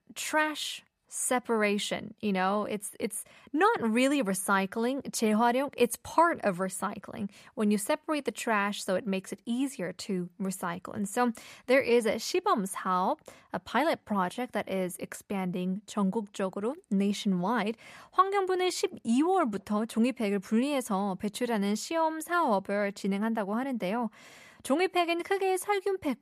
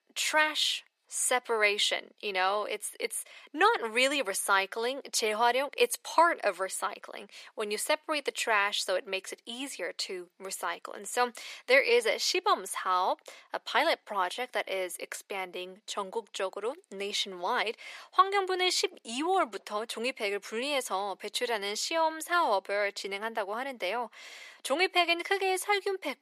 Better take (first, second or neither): first